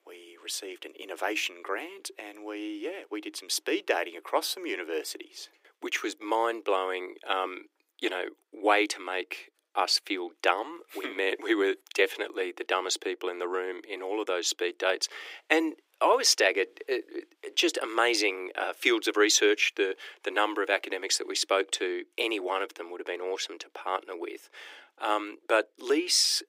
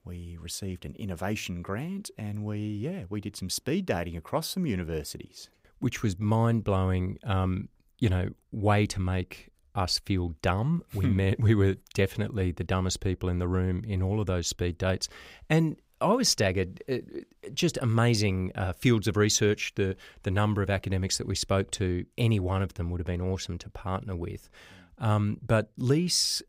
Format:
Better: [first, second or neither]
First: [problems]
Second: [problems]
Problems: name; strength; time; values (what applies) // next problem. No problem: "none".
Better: second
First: thin; very; fading below 300 Hz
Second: none